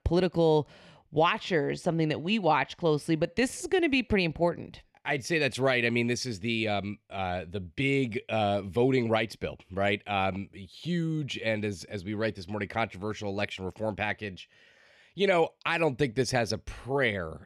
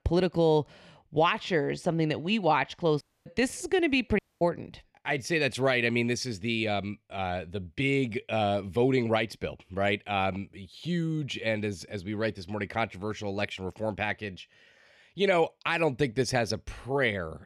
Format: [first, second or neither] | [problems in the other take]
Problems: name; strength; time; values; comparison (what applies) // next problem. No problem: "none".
first | audio cutting out; at 3 s and at 4 s